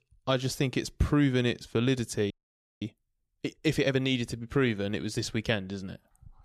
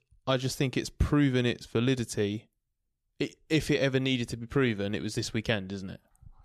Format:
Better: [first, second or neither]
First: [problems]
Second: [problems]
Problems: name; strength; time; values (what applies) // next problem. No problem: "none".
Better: second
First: audio freezing; at 2.5 s for 0.5 s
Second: none